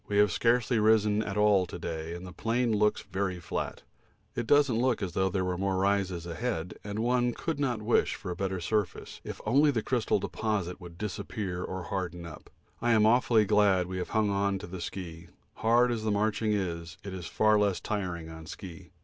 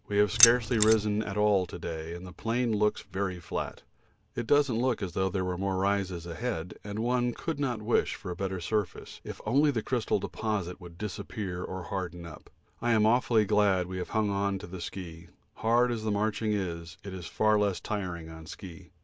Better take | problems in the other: first | background sound (Keys jangling); 2 dB above the speech

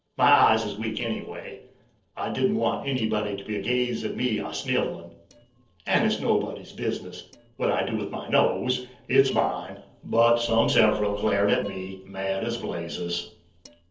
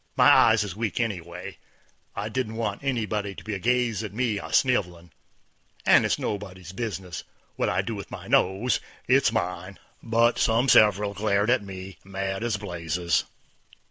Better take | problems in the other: second | noise reduction (neural separator model SepFormer DNS4)

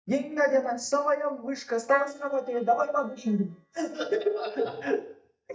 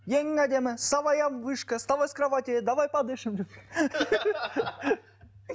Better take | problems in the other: second | noise reduction (neural mask model DeepFilterNet 3)

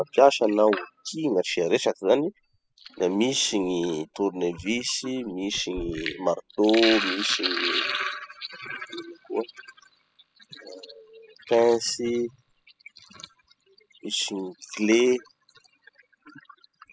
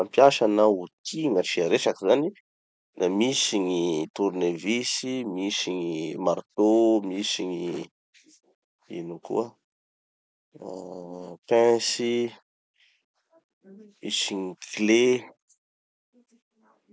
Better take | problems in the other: second | noise reduction (classical method spectral subtraction)

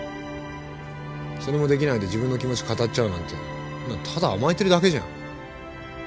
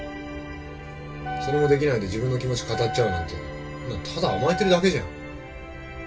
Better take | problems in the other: first | background sound (Wind instrument, woodwind instrument); 8 dB below the speech // room echo; dies away in 0.2 s

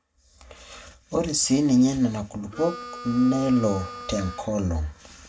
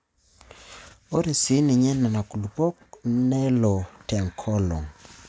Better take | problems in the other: second | background sound (Harmonica); 13 dB below the speech // room echo; dies away in 0.2 s

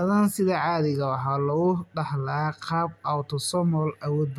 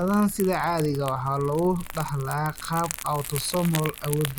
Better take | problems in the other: first | background sound (Crumpling, crinkling); 12 dB below the speech

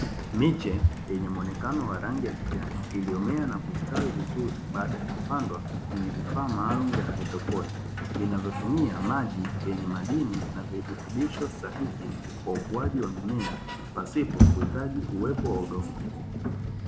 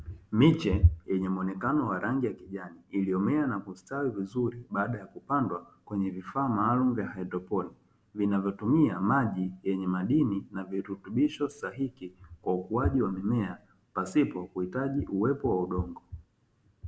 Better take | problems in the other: second | background sound (Sliding door); as loud as the speech

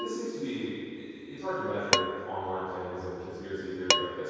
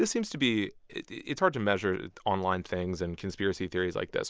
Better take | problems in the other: second | background sound (Dishes, pots, and pans); as loud as the speech // room echo; dies away in 2.2 s

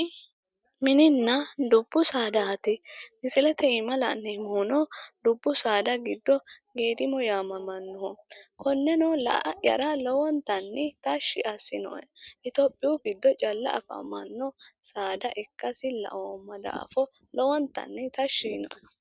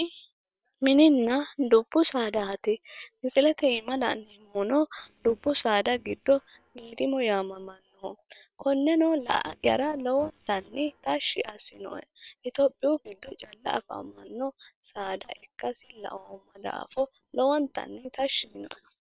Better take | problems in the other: first | noise reduction (neural separator model SepFormer WHAM!)

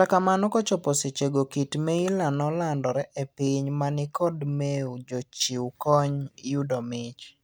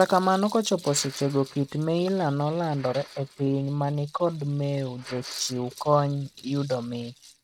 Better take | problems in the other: first | noise reduction (neural mask model RNNoise)

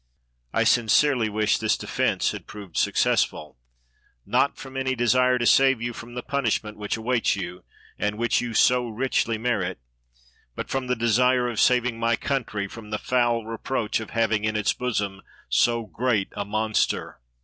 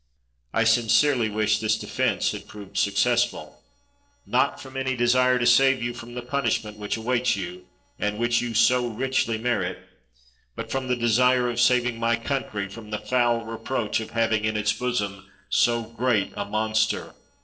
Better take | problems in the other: first | noise reduction (neural separator model SepFormer DNS4)

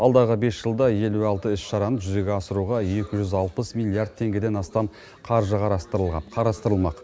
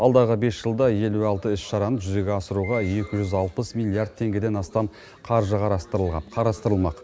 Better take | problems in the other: first | background sound (Piano); 20 dB below the speech

